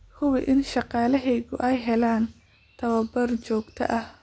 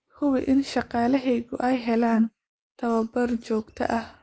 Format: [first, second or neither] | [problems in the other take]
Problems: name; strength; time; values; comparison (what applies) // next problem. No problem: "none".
first | noise reduction (neural mask model Resemble Enhance denoiser)